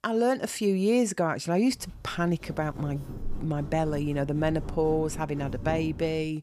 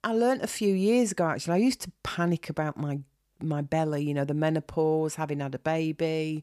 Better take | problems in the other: second | footsteps; noticeable; from 2 s on; peak 8 dB below the speech

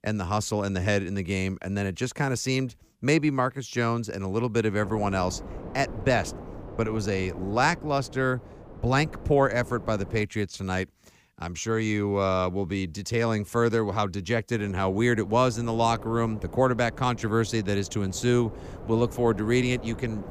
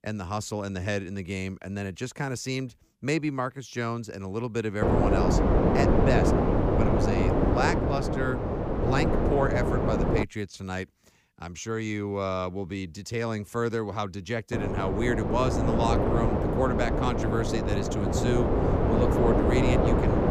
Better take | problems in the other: first | wind noise on the microphone; heavy; from 5 to 10 s and from 15 s on; 3 dB above the speech; occasional gusts in the first

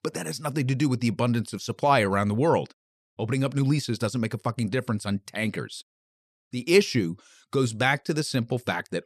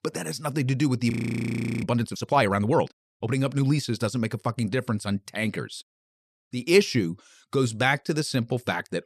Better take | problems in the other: first | audio freezing; at 1 s for 0.5 s

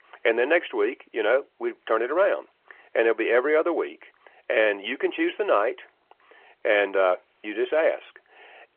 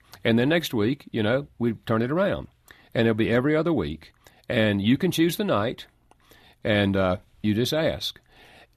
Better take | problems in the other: second | phone-call audio

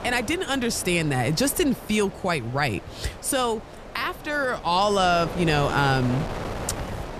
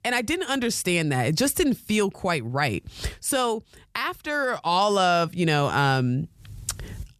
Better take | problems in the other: second | wind noise on the microphone; occasional gusts; 10 dB below the speech

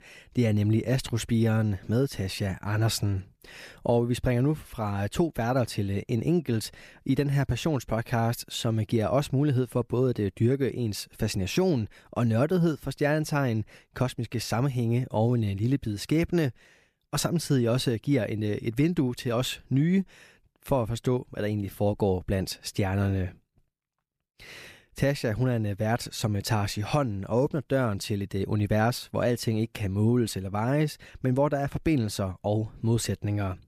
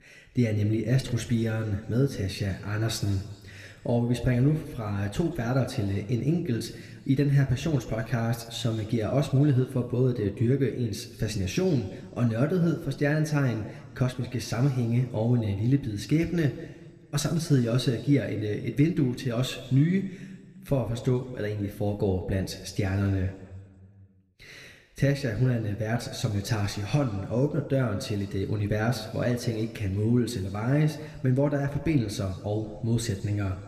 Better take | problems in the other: first | room echo; slight; dies away in 1.5 s

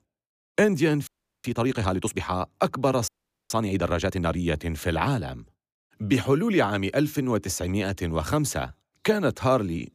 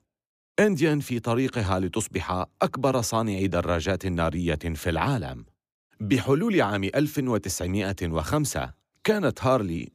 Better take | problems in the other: second | audio freezing; at 1 s and at 3 s

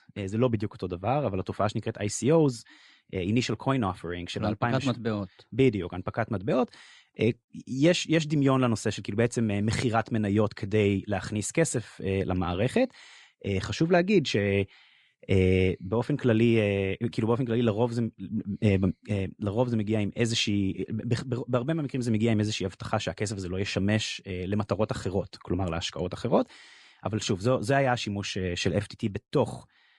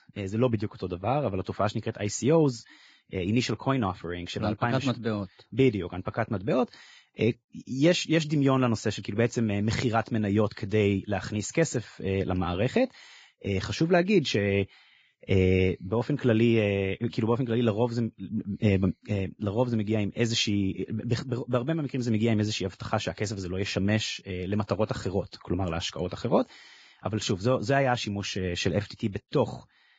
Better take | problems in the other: first | garbled, watery; badly; nothing above 7.5 kHz; slightly in the first

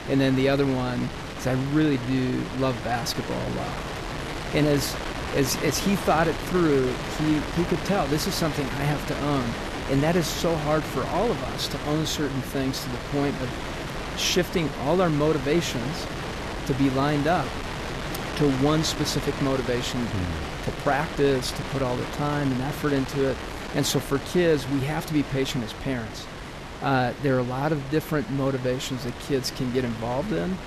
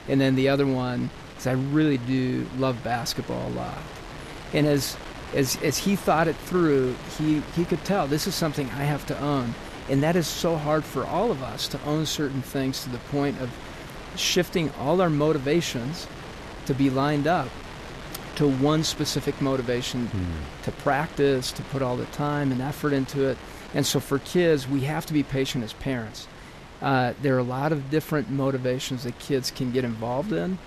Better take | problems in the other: second | wind noise on the microphone; heavy; 6 dB below the speech; occasional gusts in the second

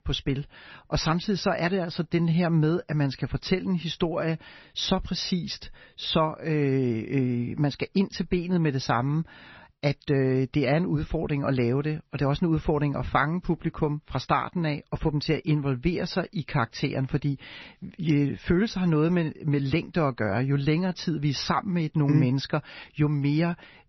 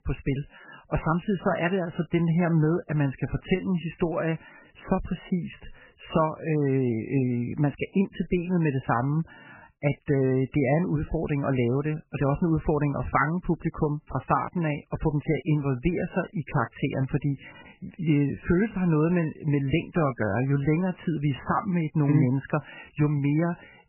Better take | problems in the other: first | garbled, watery; badly; nothing above 3 kHz; slightly in the first

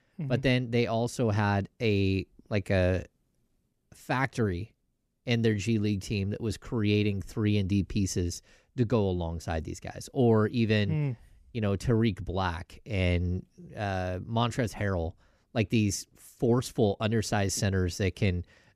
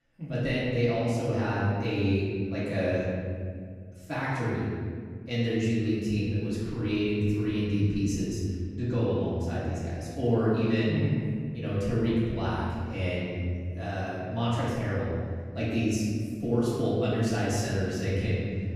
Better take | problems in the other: first | room echo; strong; dies away in 2 s // off-mic speech; far

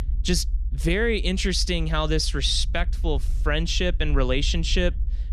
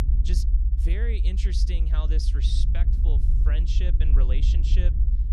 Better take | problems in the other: first | low rumble; loud; throughout; 4 dB below the speech; faint in the first

